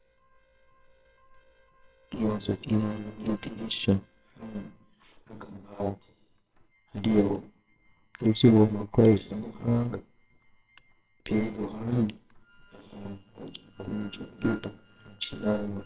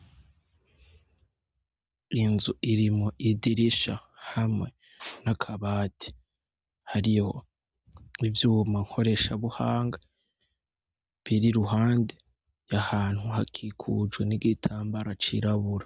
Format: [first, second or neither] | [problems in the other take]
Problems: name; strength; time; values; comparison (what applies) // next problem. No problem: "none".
second | noise reduction (neural separator model SepFormer WHAMR!)